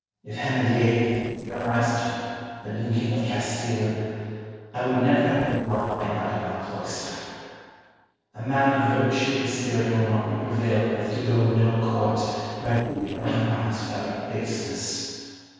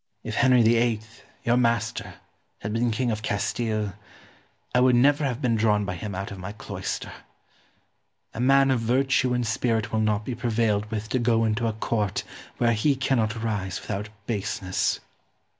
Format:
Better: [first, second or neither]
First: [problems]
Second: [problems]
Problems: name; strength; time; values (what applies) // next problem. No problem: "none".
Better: second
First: noise reduction (neural separator model SepFormer DNS4)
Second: none